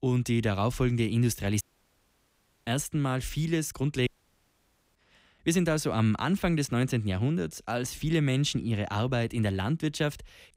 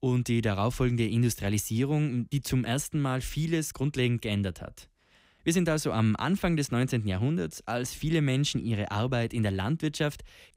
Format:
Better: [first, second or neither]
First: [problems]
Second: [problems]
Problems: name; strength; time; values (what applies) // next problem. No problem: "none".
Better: second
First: audio cutting out; at 1.5 s for 1 s and at 4 s for 1 s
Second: none